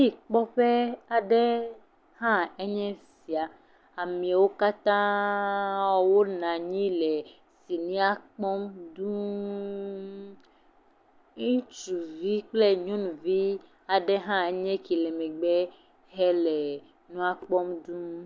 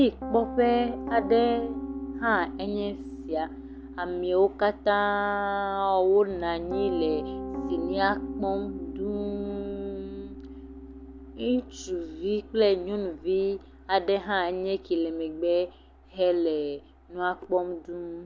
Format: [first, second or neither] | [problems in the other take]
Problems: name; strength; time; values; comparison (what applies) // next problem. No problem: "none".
first | background sound (Piano); 11 dB below the speech